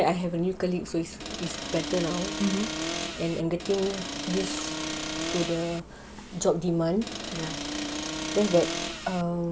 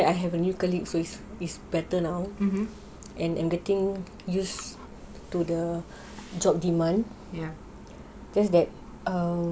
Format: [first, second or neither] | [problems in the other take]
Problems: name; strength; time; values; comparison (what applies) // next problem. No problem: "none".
second | background sound (Accelerating, revving, vroom); 4 dB below the speech